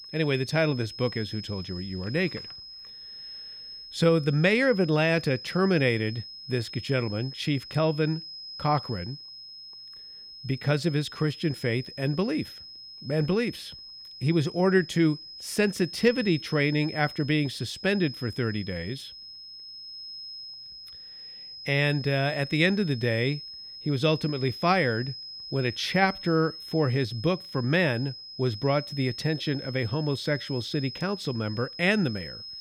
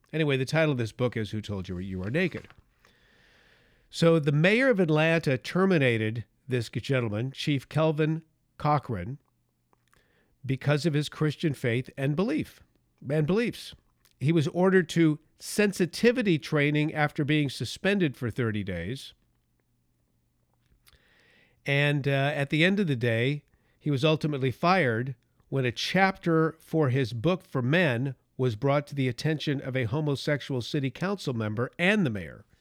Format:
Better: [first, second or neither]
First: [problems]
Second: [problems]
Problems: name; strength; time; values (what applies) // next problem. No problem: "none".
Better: second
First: high-pitched whine; noticeable; throughout; 5 kHz, 10 dB below the speech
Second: none